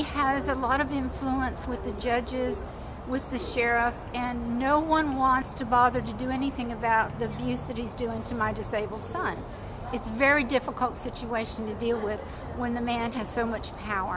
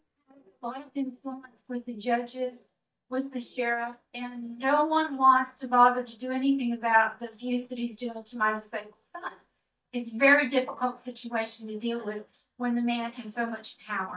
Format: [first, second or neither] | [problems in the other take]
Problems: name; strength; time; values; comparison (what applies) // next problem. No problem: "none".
first | noise reduction (neural mask model DeepFilterNet 3)